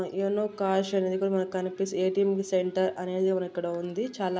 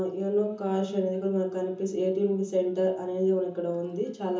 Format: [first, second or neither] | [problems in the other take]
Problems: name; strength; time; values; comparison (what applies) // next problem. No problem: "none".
first | room echo; dies away in 0.8 s